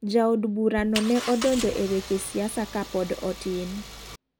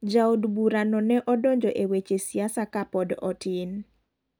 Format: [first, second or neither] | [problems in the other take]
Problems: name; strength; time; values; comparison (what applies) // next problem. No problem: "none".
second | background sound (Engine); 11 dB below the speech